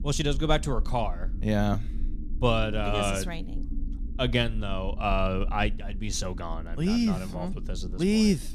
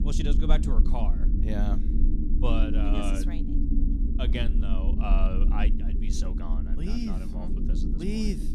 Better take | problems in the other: first | low rumble; loud; throughout; 3 dB below the speech; faint in the first

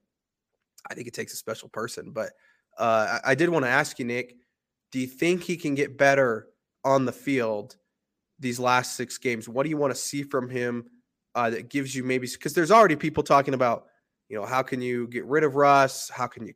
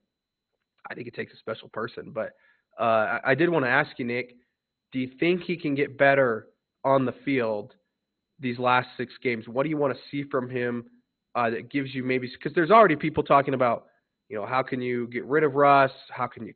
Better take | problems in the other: first | garbled, watery; badly; nothing above 4 kHz

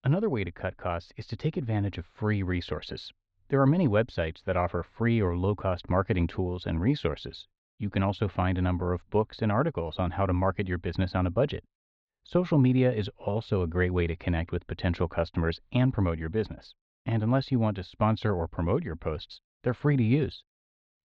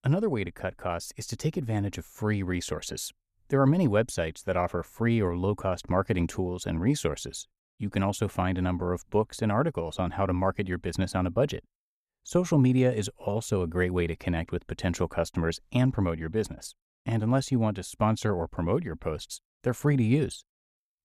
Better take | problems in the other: second | muffled; slightly; fading above 4 kHz

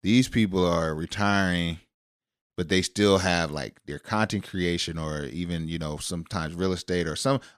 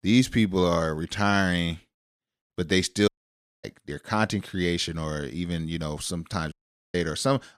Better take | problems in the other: first | audio cutting out; at 3 s for 0.5 s and at 6.5 s

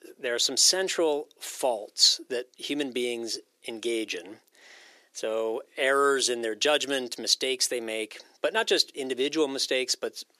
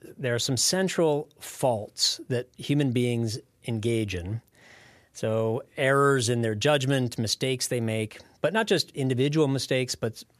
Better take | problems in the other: second | thin; somewhat; fading below 350 Hz

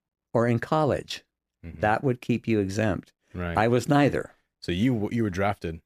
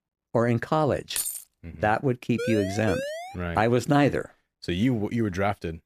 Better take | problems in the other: first | jangling keys; noticeable; at 1 s; peak 3 dB below the speech // siren; noticeable; at 2.5 s; peak 6 dB below the speech

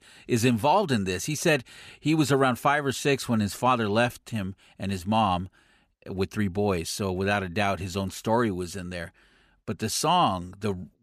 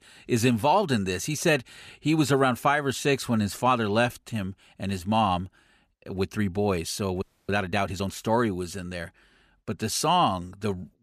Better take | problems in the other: first | audio freezing; at 7 s

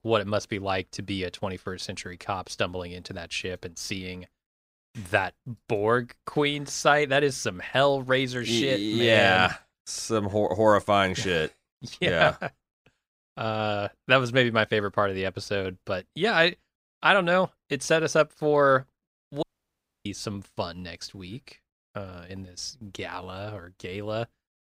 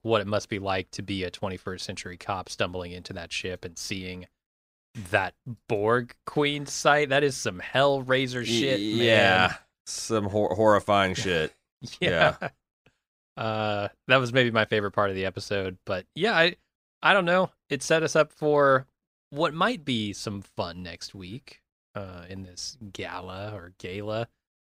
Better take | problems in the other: second | audio cutting out; at 19 s for 0.5 s

